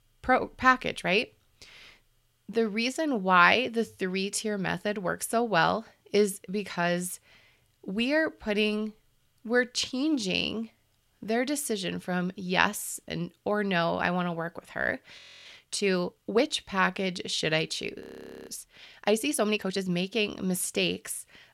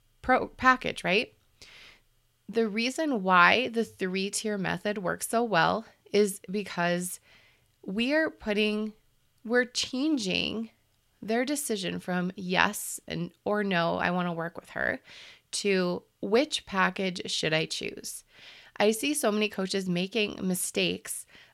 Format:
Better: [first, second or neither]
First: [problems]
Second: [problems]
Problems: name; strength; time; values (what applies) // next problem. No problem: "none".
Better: second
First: audio freezing; at 15 s and at 18 s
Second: none